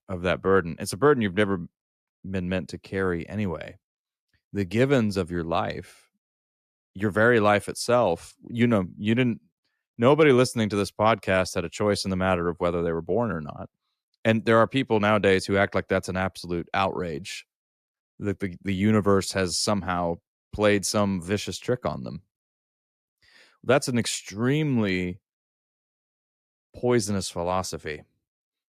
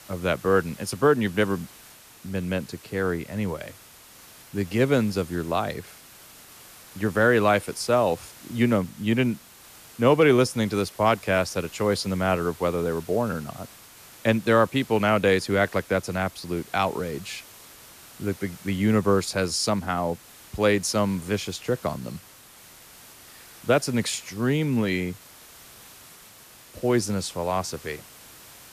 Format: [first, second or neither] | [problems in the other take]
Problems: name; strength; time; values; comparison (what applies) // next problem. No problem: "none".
first | hiss; faint; throughout; 20 dB below the speech